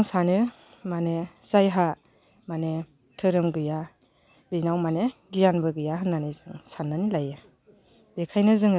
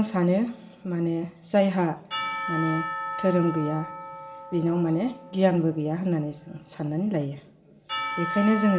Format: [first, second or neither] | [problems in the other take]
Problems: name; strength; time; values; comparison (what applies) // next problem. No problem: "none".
first | background sound (Church bell / Percussion); 10 dB below the speech // room echo; dies away in 1.3 s